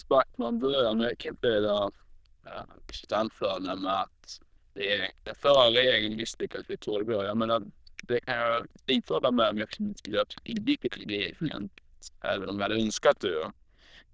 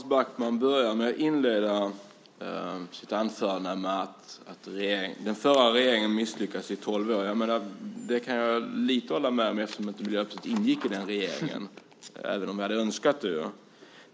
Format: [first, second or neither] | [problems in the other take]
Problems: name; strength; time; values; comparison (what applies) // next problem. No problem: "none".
second | noise reduction (neural diffusion model UNIVERSE++)